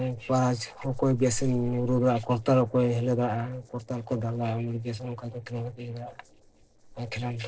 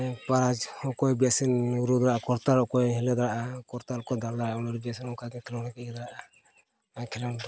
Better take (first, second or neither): second